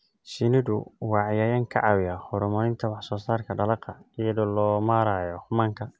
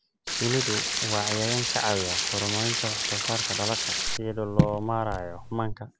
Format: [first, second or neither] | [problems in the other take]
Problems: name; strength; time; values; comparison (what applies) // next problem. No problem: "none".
first | background sound (Stream + Raindrop / Drip); 2 dB above the speech